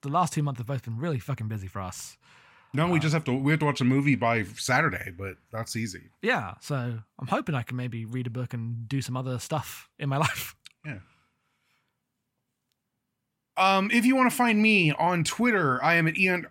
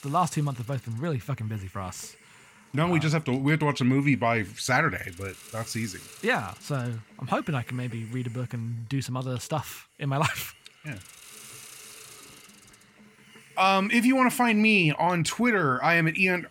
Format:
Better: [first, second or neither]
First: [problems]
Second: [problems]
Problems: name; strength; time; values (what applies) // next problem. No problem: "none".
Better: first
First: none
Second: hiss; faint; throughout; 25 dB below the speech